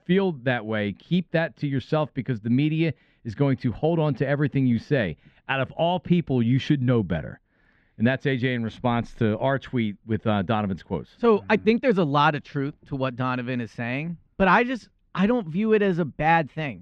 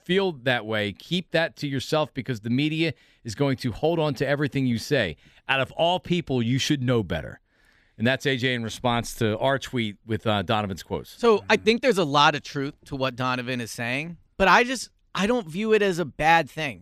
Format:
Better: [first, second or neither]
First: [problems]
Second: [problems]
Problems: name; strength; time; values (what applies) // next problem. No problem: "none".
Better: second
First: muffled; slightly; fading above 2.5 kHz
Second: none